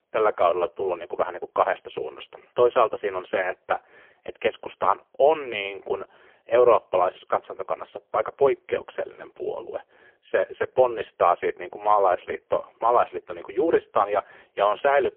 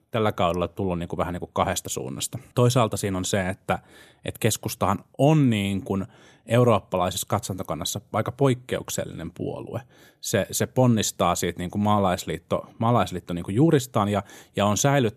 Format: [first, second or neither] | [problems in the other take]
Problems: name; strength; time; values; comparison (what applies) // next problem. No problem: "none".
second | phone-call audio; poor line; nothing above 3.5 kHz